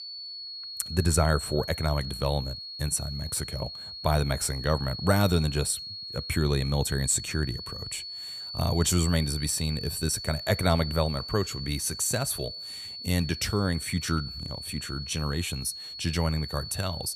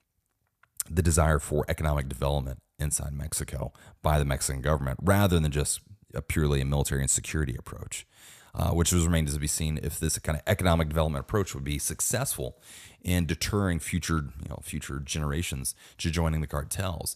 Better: second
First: high-pitched whine; loud; throughout; 4.5 kHz, 8 dB below the speech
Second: none

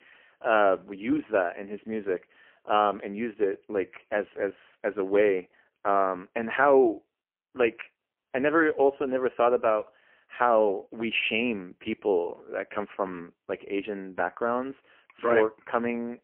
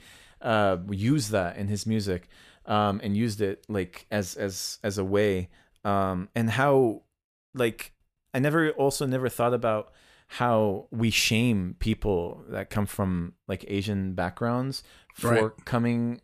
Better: second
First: phone-call audio; poor line; nothing above 3 kHz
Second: none

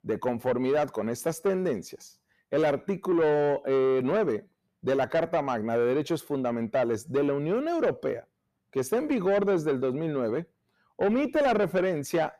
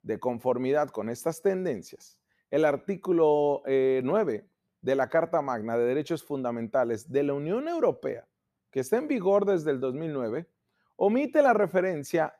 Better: second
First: distortion; slight; 10 dB below the speech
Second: none

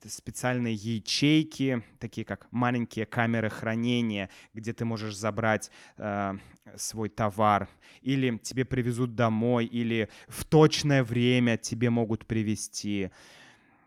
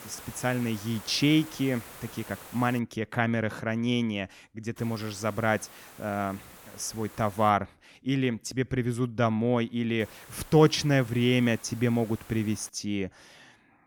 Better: first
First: none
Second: hiss; noticeable; until 3 s, from 5 to 7.5 s and from 10 to 13 s; 20 dB below the speech

